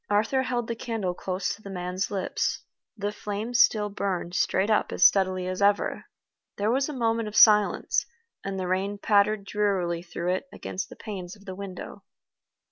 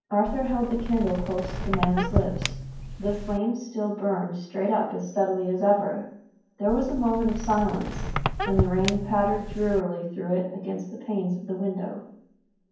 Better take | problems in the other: first | background sound (Squeak); 3 dB below the speech // room echo; dies away in 0.9 s

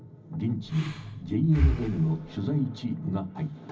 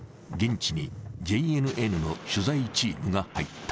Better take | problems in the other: second | background sound (Breathing); 3 dB below the speech // room echo; dies away in 0.4 s

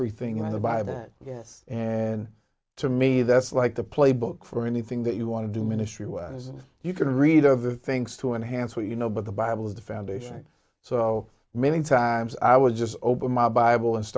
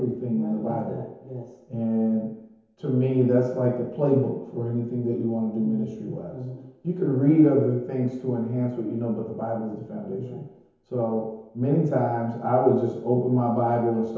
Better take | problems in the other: first | room echo; dies away in 1 s

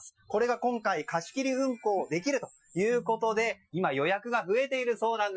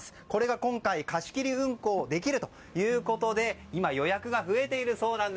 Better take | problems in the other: second | noise reduction (classical method Wiener filter)

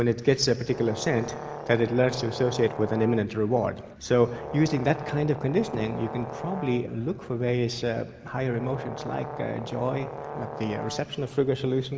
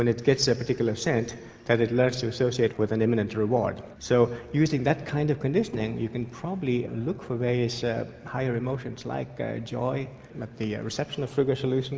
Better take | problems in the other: second | background sound (Brass instrument); 11 dB below the speech

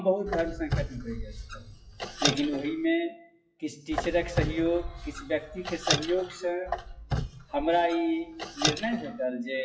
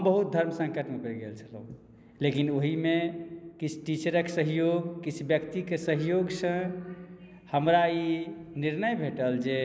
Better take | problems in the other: second | noise reduction (classical method WPE with log-MMSE)

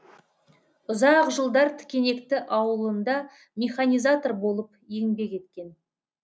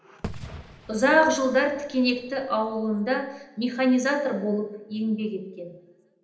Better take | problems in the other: first | background sound (Fireworks); 17 dB below the speech // room echo; dies away in 0.8 s

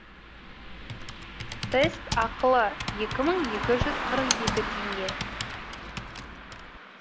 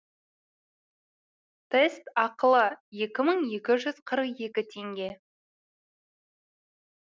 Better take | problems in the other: second | background sound (Car passing by + Computer keyboard); 3 dB below the speech

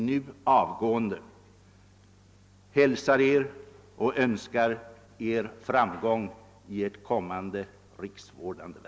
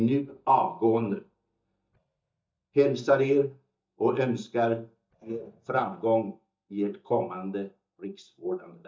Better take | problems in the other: first | noise reduction (neural mask model DeepFilterNet 3)

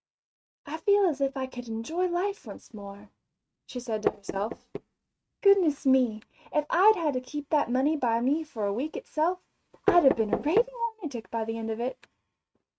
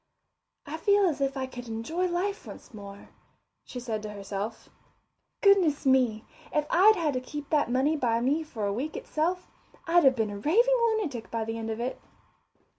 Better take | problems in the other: second | noise reduction (neural mask model RNNoise)

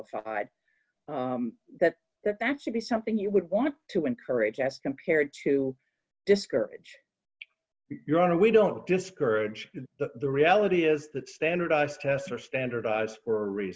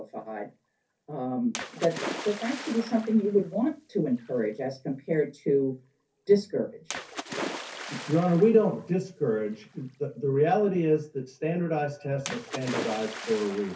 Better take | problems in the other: first | background sound (Splash, splatter); 13 dB below the speech // room echo; dies away in 0.3 s

